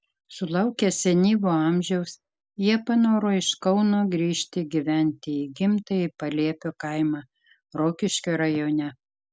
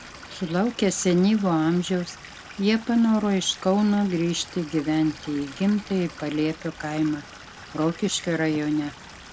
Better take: first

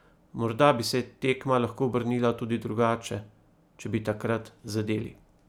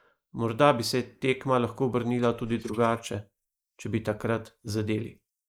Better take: first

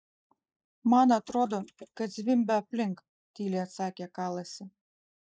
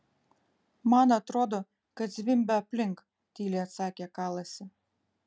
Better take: second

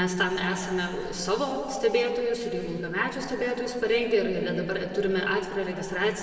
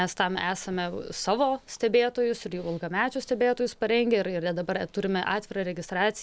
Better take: second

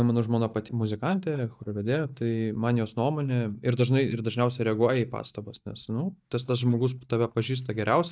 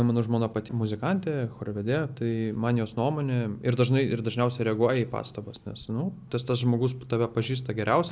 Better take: second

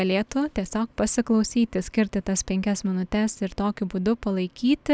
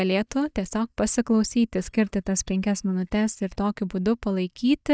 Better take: first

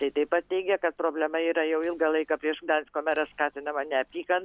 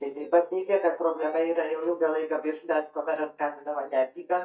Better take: first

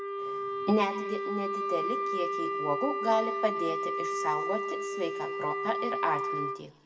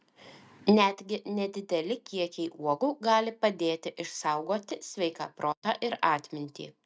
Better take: second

